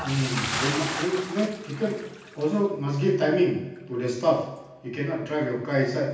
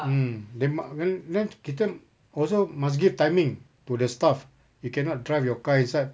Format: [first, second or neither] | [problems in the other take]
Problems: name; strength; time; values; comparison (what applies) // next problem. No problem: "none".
second | background sound (Bathtub (filling or washing) / Splash, splatter); 10 dB below the speech // room echo; dies away in 0.9 s